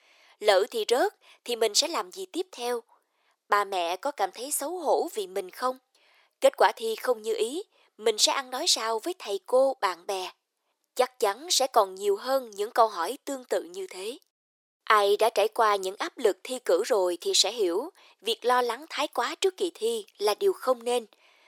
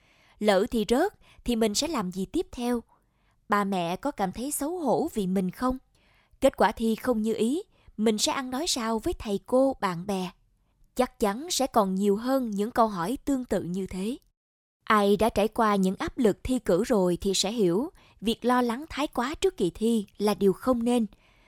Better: second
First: thin; very; fading below 350 Hz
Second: none

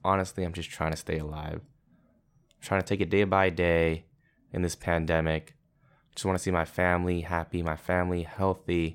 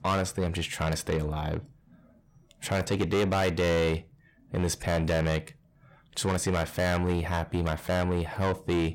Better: first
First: none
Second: distortion; heavy; 6 dB below the speech

